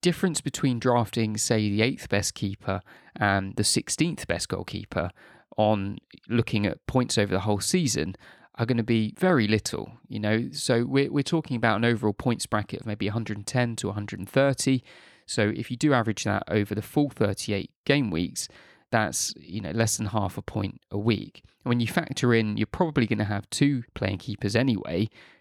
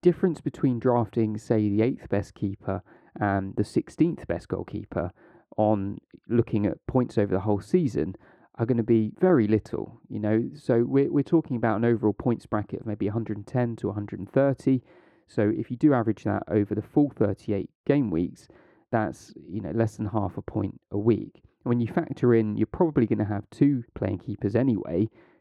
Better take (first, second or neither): first